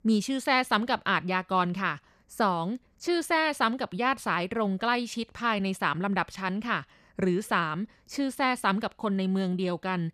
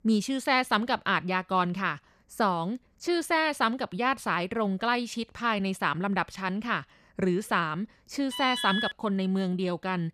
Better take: first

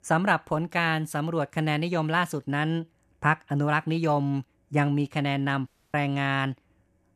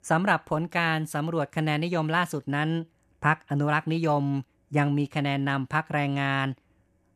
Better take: second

